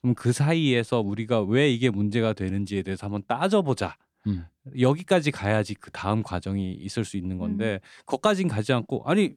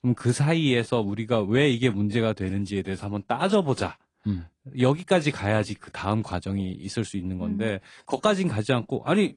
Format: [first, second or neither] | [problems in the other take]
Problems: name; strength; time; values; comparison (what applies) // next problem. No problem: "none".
first | garbled, watery; slightly